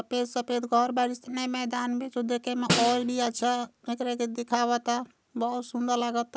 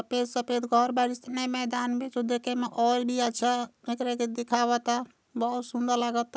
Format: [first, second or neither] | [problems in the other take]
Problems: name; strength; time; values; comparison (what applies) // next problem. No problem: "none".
second | background sound (Snare drum); 4 dB below the speech